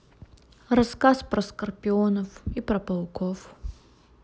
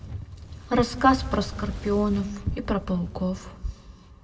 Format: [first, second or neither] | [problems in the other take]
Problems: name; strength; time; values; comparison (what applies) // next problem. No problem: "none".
first | background sound (Fire); 11 dB below the speech // room echo; dies away in 2.2 s